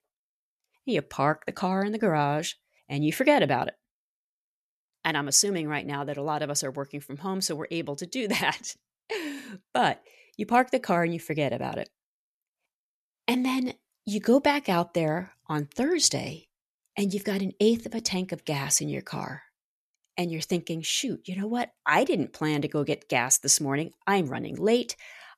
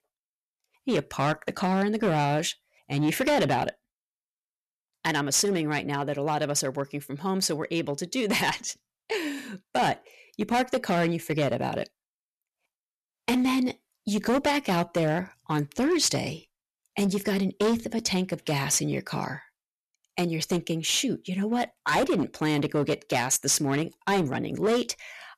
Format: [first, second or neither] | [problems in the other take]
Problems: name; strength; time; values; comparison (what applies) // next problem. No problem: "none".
first | distortion; heavy; 8% of the sound clipped